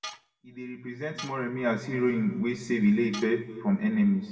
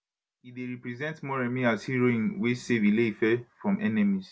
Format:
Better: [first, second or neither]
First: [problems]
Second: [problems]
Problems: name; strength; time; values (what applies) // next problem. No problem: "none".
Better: second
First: background sound (Tools); 17 dB below the speech // room echo; dies away in 1.3 s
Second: none